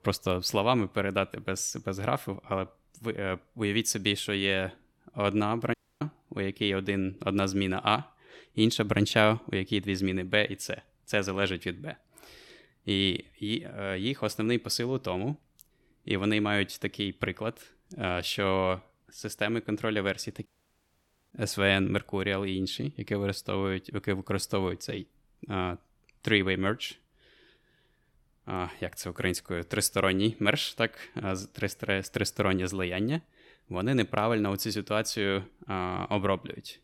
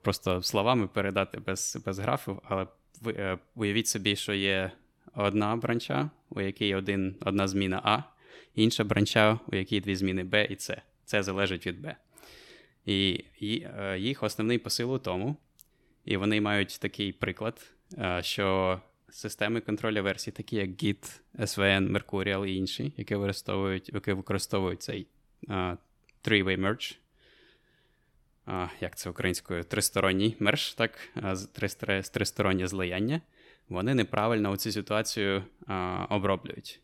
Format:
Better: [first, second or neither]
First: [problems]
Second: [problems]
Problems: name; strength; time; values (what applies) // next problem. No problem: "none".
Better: second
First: audio cutting out; at 5.5 s and at 20 s for 1 s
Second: none